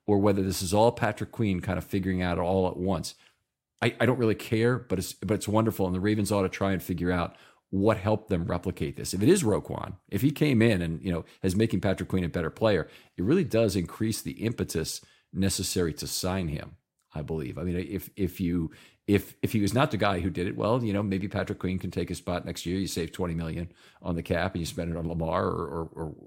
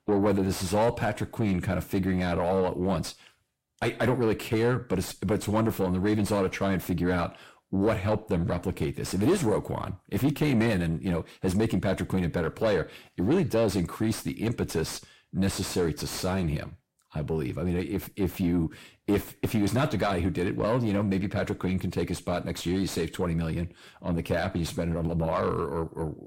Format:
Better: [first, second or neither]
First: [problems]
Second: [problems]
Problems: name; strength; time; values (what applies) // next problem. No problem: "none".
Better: first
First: none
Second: distortion; heavy; 7 dB below the speech